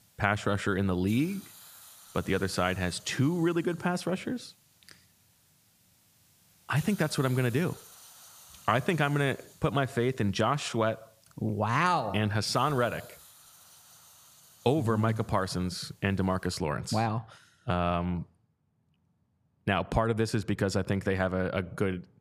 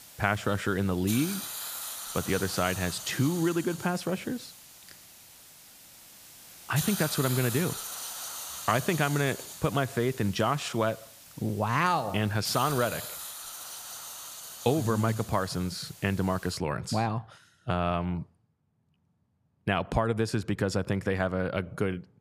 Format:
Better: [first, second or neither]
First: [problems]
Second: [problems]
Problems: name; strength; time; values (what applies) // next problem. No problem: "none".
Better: first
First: hiss; faint; until 17 s; 25 dB below the speech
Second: hiss; loud; until 17 s; 9 dB below the speech